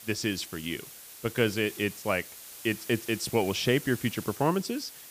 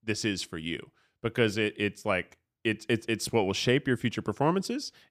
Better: second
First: hiss; noticeable; throughout; 15 dB below the speech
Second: none

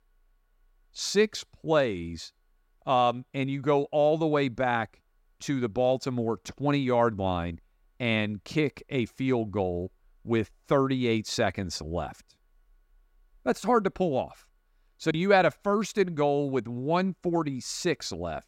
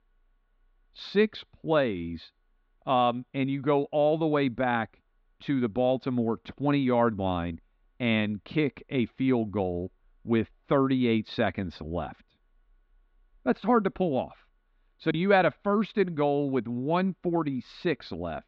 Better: first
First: none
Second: muffled; slightly; fading above 3.5 kHz

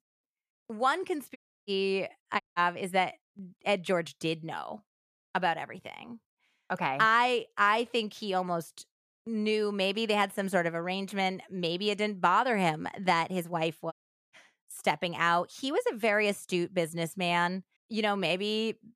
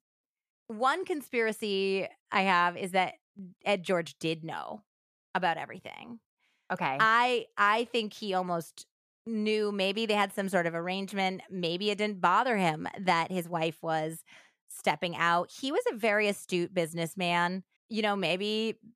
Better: second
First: audio cutting out; at 1.5 s, at 2.5 s and at 14 s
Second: none

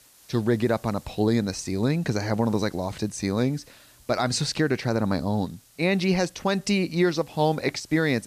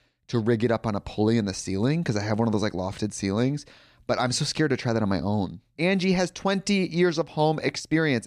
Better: second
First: hiss; faint; throughout; 25 dB below the speech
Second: none

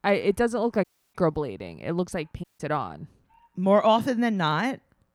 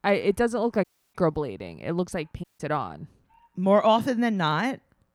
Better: neither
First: audio cutting out; at 1 s and at 2.5 s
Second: audio cutting out; at 1 s and at 2.5 s

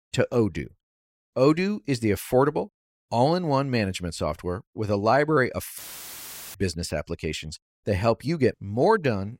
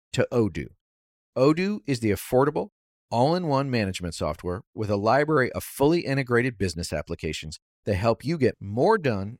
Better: second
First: audio cutting out; filled with static; at 6 s for 1 s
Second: none

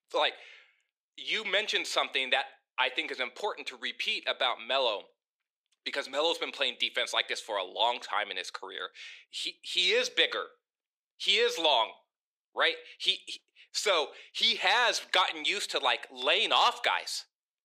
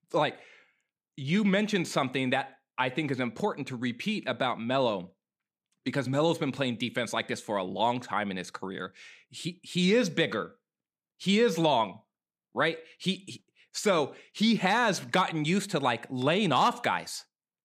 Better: second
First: thin; very; fading below 400 Hz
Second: none

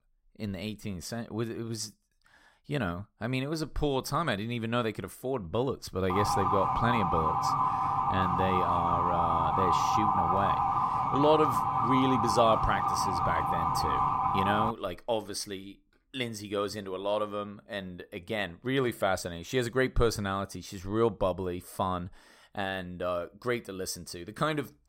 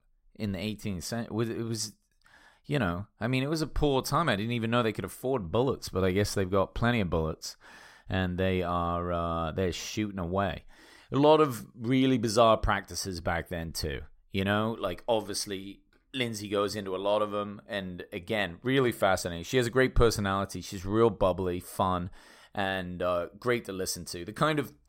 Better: second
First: siren; loud; from 6 to 15 s; peak 6 dB above the speech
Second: none

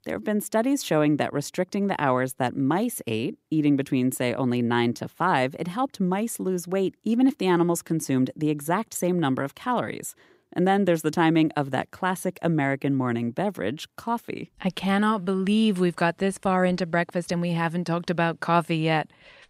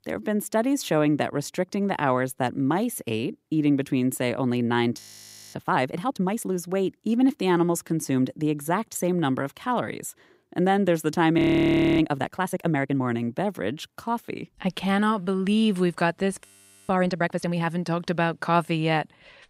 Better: first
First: none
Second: audio freezing; at 5 s for 0.5 s, at 11 s for 0.5 s and at 16 s

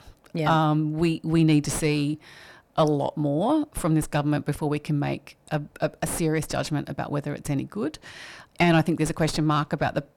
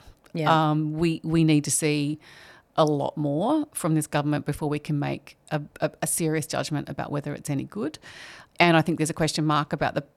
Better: second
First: distortion; slight; 9 dB below the speech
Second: none

